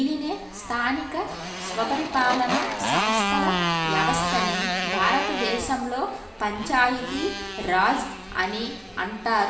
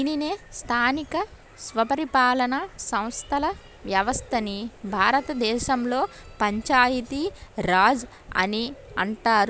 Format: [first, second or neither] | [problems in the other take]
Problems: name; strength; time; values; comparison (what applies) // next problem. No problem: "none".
second | background sound (Motorcycle); 2 dB below the speech // room echo; dies away in 0.8 s